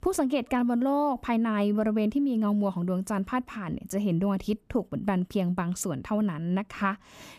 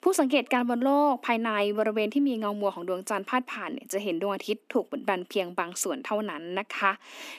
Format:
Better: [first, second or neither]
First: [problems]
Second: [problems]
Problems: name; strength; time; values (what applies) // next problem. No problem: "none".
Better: first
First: none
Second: thin; somewhat; fading below 250 Hz